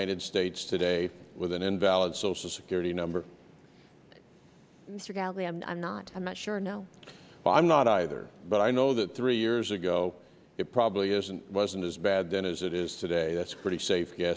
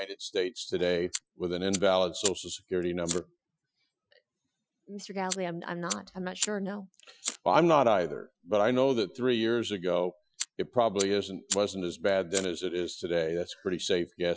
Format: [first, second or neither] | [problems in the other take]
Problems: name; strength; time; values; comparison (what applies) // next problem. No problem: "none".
first | noise reduction (classical method Wiener filter)